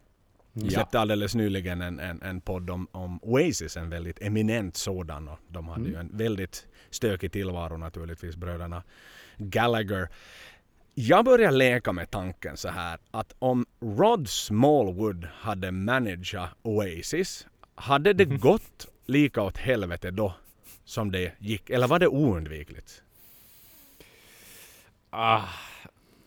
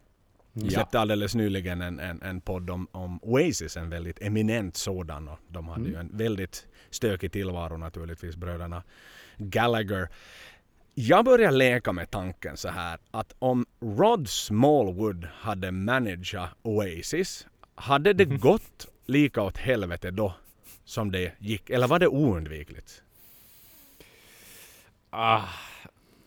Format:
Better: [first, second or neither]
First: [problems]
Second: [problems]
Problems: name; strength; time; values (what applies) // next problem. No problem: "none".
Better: neither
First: none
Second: none